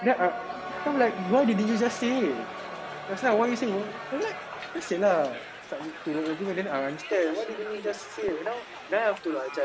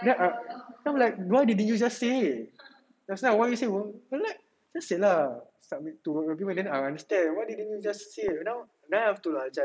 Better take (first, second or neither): second